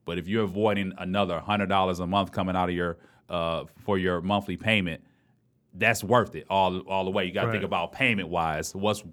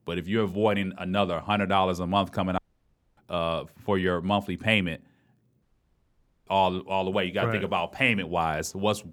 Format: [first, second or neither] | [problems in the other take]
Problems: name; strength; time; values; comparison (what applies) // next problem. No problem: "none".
first | audio cutting out; at 2.5 s for 0.5 s and at 5.5 s for 1 s